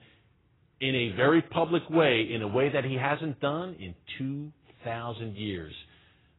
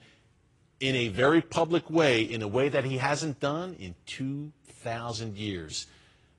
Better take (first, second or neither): second